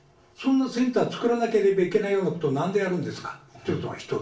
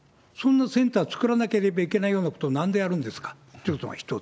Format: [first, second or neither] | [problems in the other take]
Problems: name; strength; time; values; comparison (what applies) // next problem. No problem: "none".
second | room echo; dies away in 0.3 s